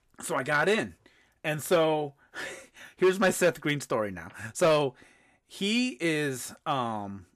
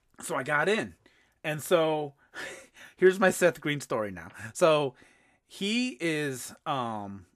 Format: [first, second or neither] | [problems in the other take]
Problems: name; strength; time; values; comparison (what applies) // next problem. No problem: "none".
second | distortion; slight; 2% of the sound clipped